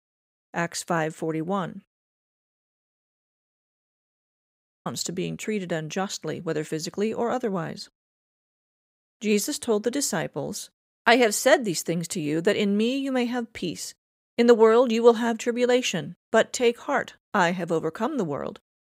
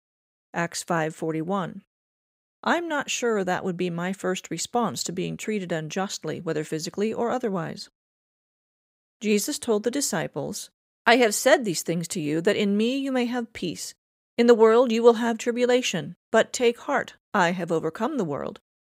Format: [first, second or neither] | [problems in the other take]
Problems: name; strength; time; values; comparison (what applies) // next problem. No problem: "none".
second | audio cutting out; at 2.5 s for 2 s